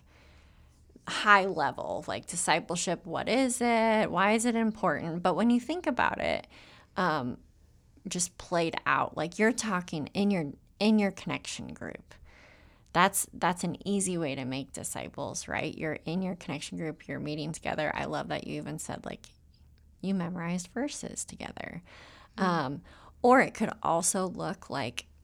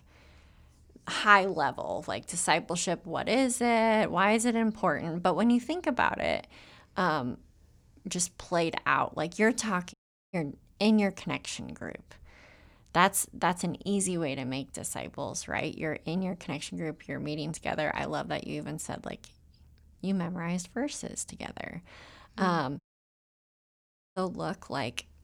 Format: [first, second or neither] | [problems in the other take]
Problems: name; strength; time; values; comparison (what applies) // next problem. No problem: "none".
first | audio cutting out; at 10 s and at 23 s for 1.5 s